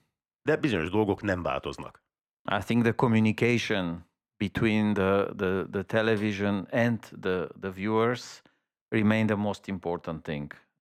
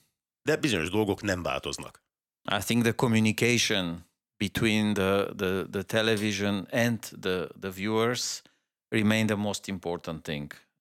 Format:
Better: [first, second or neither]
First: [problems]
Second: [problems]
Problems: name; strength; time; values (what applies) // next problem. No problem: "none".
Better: second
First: muffled; slightly; fading above 3.5 kHz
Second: none